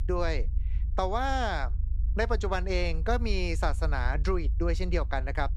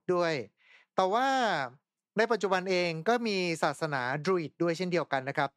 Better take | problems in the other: second | low rumble; faint; throughout; 20 dB below the speech

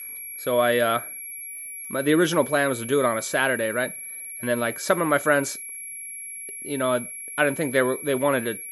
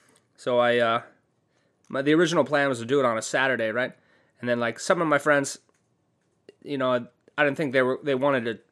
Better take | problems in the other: second | high-pitched whine; loud; throughout; 11 kHz, 10 dB below the speech

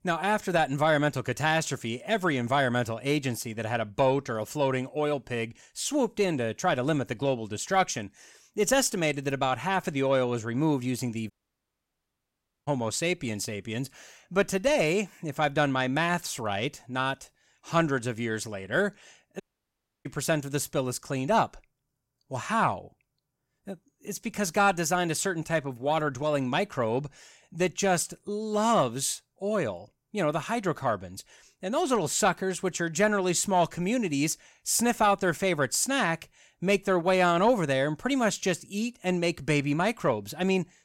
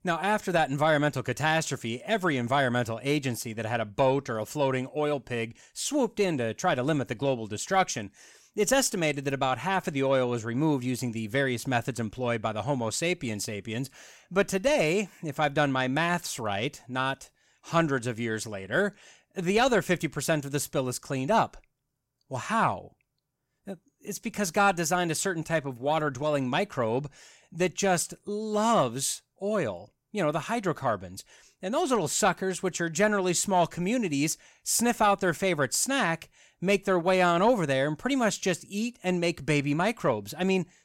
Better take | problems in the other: second | audio cutting out; at 11 s for 1.5 s and at 19 s for 0.5 s

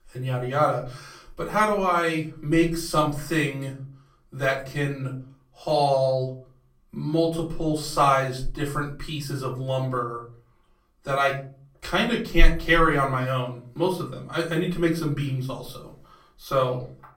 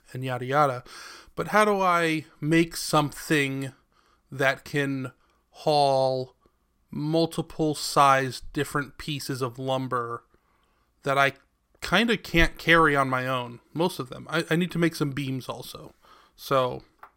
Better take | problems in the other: second | off-mic speech; far // room echo; slight; dies away in 0.4 s

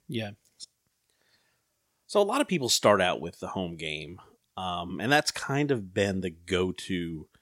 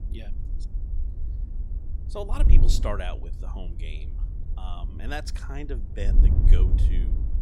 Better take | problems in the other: first | wind noise on the microphone; heavy; 8 dB below the speech

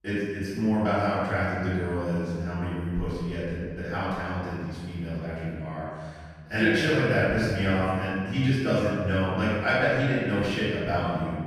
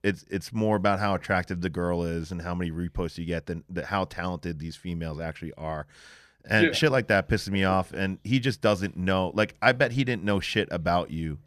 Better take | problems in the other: second | off-mic speech; far // room echo; strong; dies away in 1.7 s

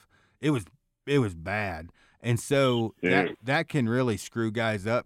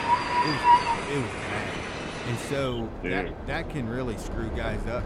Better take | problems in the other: first | train or aircraft noise; very loud; throughout; 5 dB above the speech

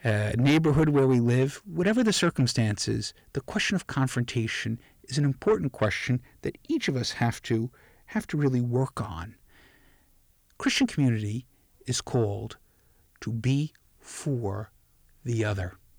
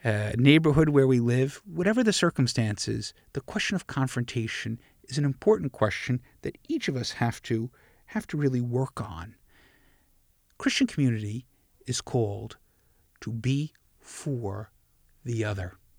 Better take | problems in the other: second | distortion; slight; 10 dB below the speech

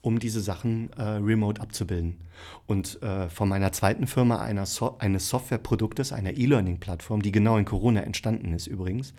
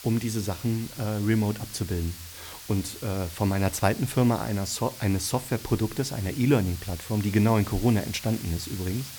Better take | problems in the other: first | hiss; noticeable; throughout; 15 dB below the speech

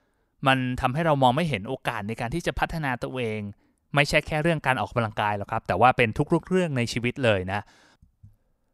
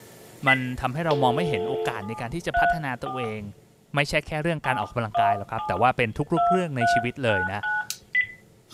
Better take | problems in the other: first | phone ringing; loud; peak 3 dB above the speech

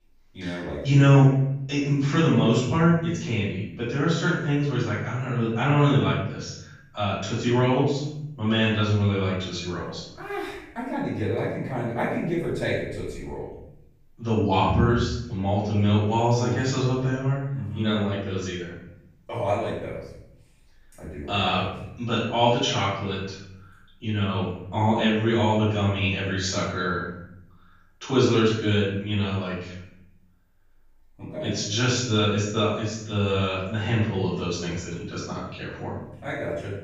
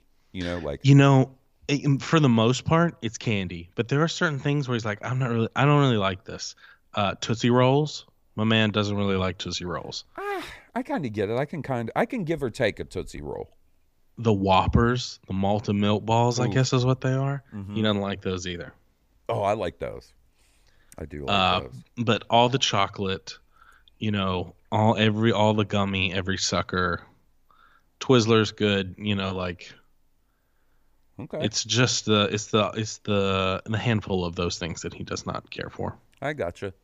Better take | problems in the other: second | off-mic speech; far // room echo; noticeable; dies away in 0.7 s

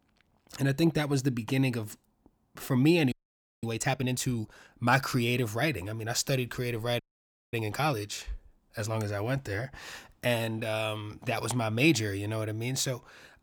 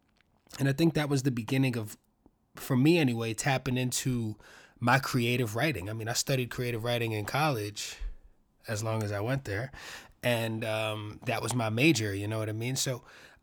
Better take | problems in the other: second | audio freezing; at 3 s for 0.5 s and at 7 s for 0.5 s

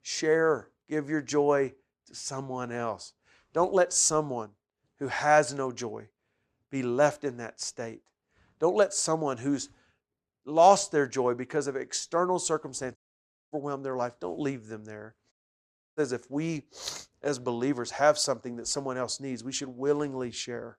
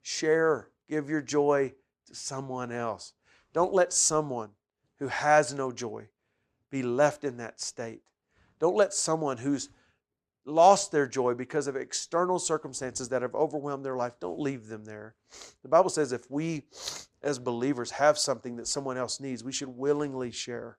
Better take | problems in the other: second | audio cutting out; at 13 s for 0.5 s and at 15 s for 0.5 s

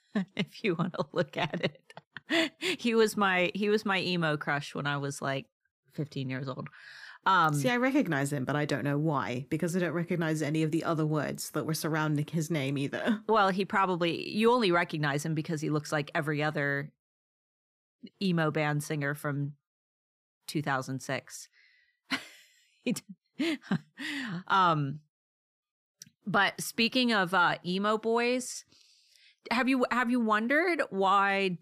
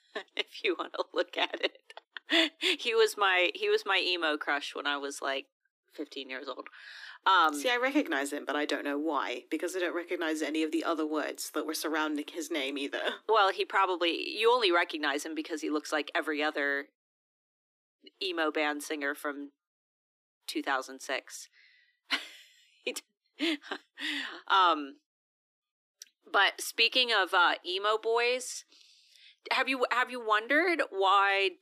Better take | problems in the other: first | thin; somewhat; fading below 300 Hz

